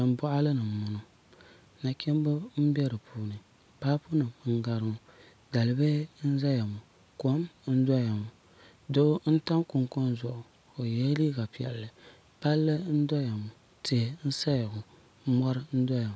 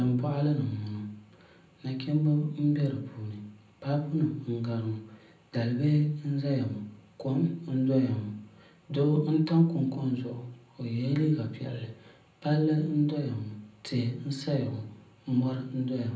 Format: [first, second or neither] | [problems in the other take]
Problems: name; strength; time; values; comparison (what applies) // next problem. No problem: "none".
first | room echo; dies away in 0.6 s